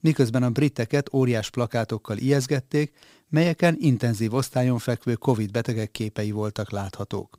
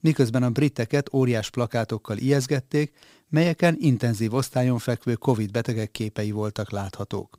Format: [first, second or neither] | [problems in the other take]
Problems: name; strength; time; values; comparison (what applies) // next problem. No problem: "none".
neither | none